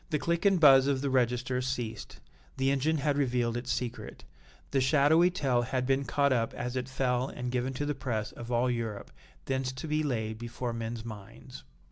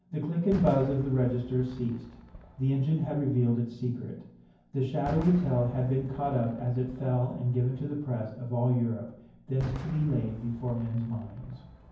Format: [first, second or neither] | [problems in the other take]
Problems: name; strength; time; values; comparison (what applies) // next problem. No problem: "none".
first | background sound (Fireworks); 16 dB below the speech // room echo; dies away in 0.9 s